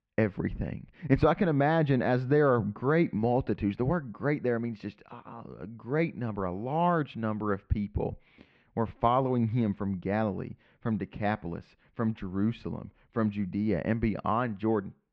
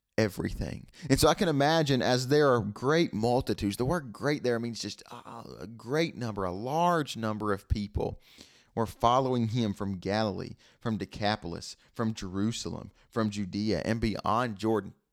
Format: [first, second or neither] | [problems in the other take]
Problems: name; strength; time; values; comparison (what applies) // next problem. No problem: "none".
second | muffled; very; fading above 2.5 kHz